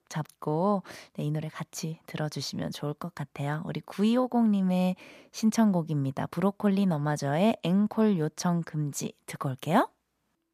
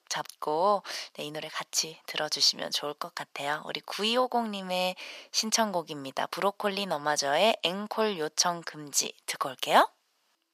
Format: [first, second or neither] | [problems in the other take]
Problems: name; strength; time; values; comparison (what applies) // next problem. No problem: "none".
first | thin; very; fading below 600 Hz